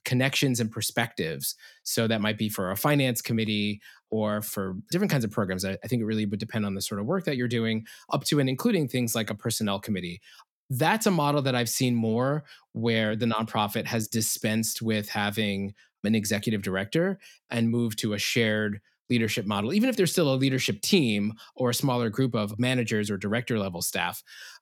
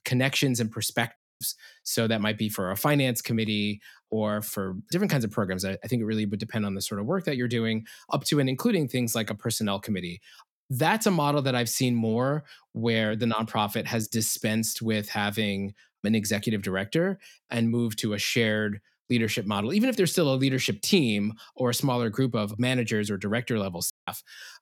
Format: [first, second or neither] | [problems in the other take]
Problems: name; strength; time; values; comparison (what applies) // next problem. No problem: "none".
first | audio cutting out; at 1 s and at 24 s